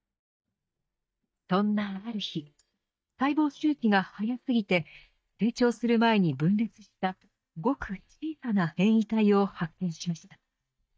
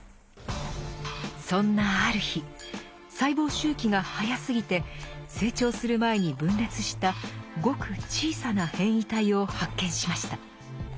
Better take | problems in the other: second | noise reduction (neural mask model DeepFilterNet 3)

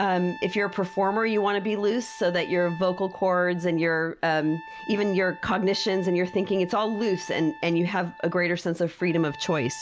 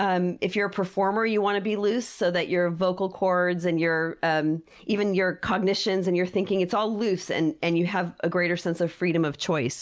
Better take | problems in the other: second | background sound (Trumpet); 18 dB below the speech

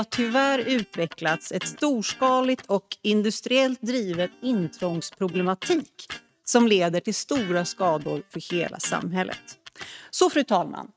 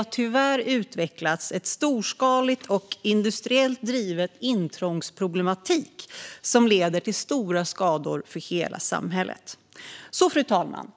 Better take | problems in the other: second | noise reduction (neural mask model RNNoise)

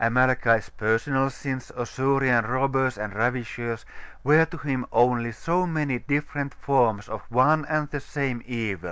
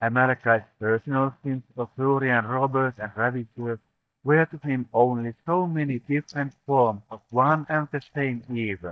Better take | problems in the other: first | noise reduction (neural mask model DeepFilterNet 3)

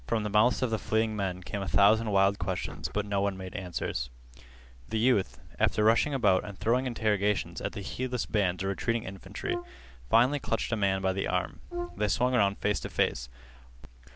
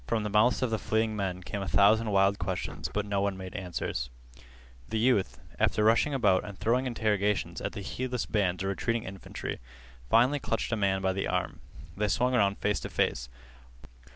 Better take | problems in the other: second | background sound (Brass instrument); 12 dB below the speech

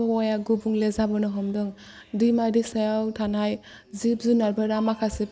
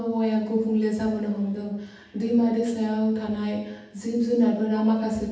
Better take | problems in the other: first | room echo; dies away in 0.9 s

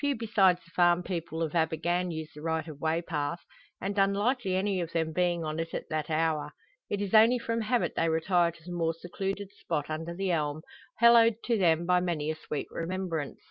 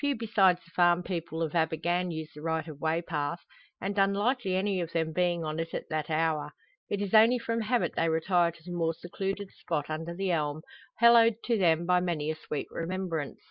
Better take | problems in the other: first | noise reduction (neural mask model Resemble Enhance denoiser)

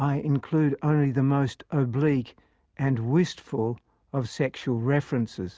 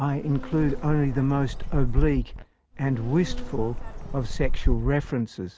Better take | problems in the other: first | background sound (Insect); 1 dB below the speech

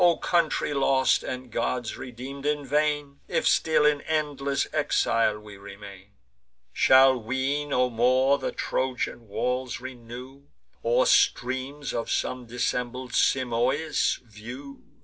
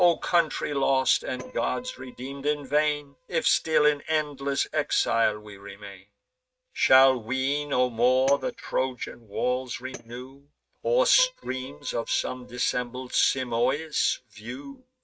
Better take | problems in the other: first | noise reduction (neural mask model RNNoise)

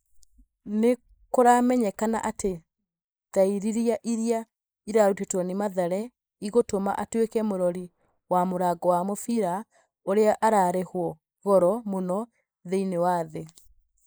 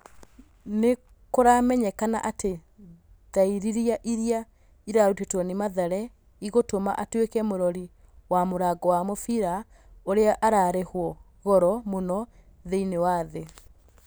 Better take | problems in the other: second | noise reduction (neural mask model Resemble Enhance denoiser)

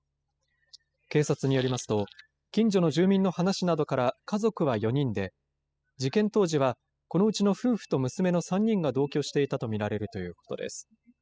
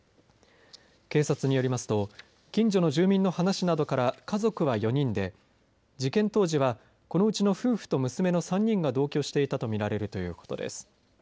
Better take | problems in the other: second | noise reduction (classical method spectral subtraction)

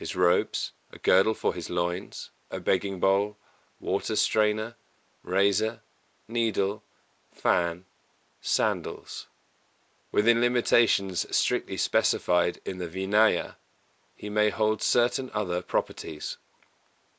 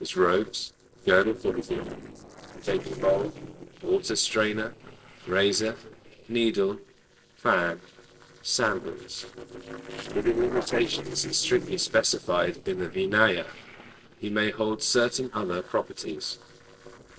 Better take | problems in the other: first | noise reduction (neural separator model SepFormer DNS4)

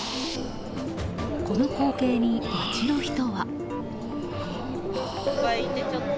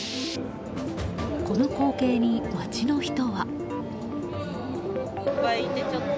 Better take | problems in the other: second | background sound (Breathing); 12 dB below the speech

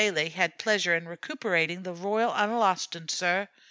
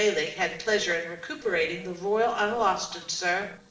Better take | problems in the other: first | noise reduction (neural separator model SepFormer DNS4)

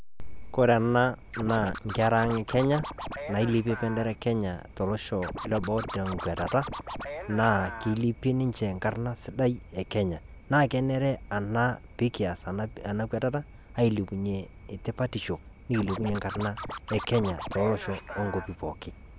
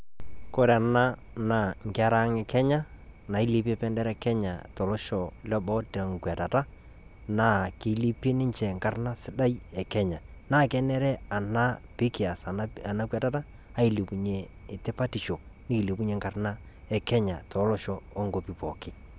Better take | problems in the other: second | background sound (Scratching (performance technique)); 11 dB below the speech

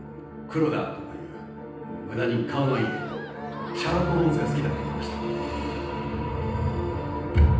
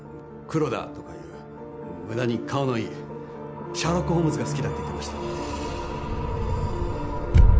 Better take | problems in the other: second | background sound (Cheering); 13 dB below the speech // room echo; dies away in 0.9 s

